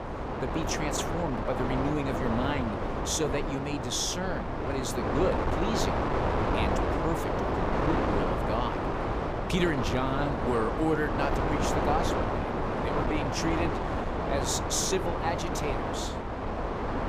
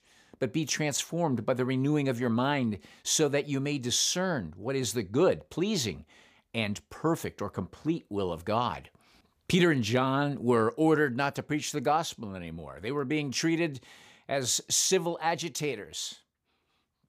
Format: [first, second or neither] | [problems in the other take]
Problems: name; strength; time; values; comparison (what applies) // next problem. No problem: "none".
second | wind noise on the microphone; heavy; 2 dB above the speech